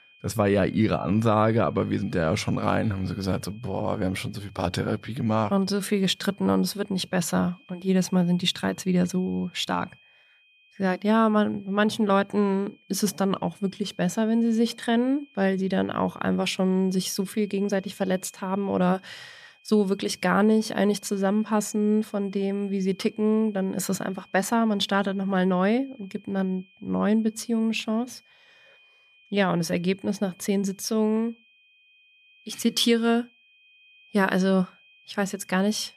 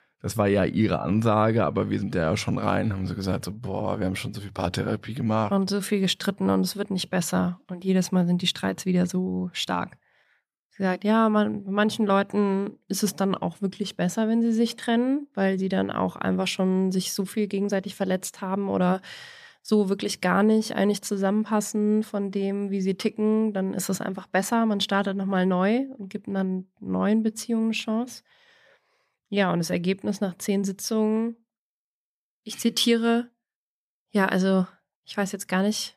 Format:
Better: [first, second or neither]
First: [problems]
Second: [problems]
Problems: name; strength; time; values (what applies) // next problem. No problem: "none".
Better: second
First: high-pitched whine; faint; throughout; 2.5 kHz, 30 dB below the speech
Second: none